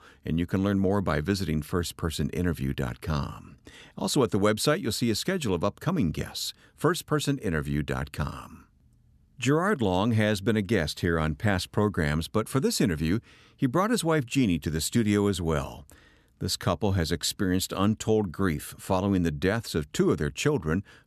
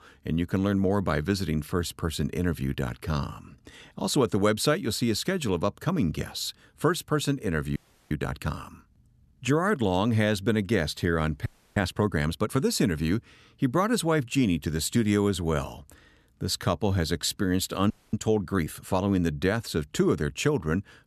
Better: first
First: none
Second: audio freezing; at 8 s, at 11 s and at 18 s

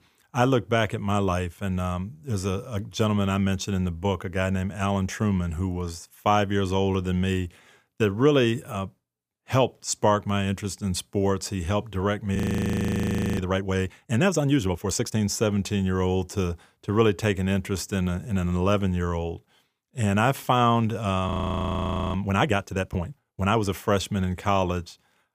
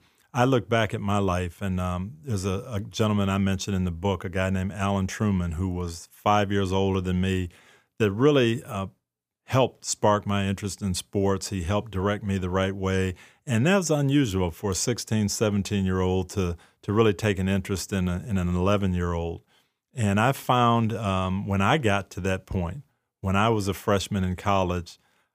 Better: second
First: audio freezing; at 12 s for 1 s and at 21 s for 1 s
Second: none

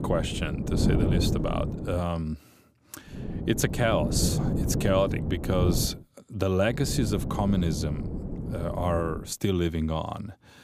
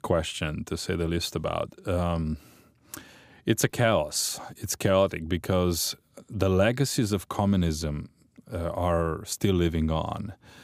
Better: second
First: wind noise on the microphone; heavy; until 2 s, from 3 to 6 s and from 6.5 to 9 s; 7 dB below the speech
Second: none

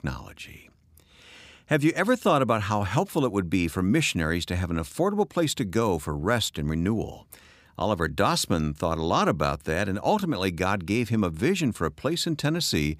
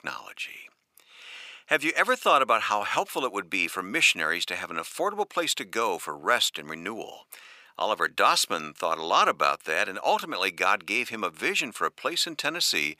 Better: first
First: none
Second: thin; very; fading below 600 Hz

